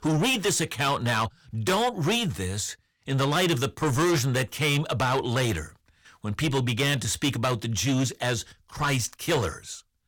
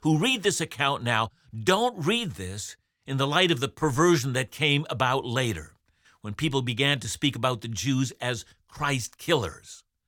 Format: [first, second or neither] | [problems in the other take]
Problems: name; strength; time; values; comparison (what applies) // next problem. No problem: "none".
second | distortion; heavy; 7 dB below the speech